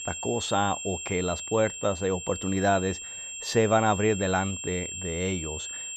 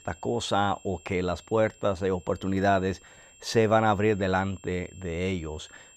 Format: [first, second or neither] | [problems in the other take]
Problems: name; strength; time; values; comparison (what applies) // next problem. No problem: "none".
second | high-pitched whine; loud; throughout; 7.5 kHz, 7 dB below the speech; faint in the second